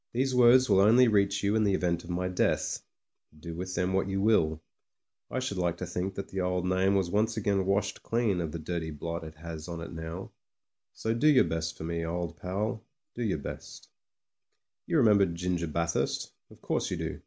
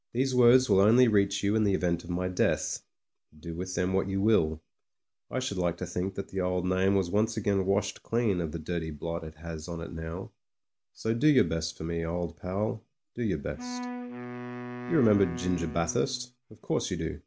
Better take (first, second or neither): first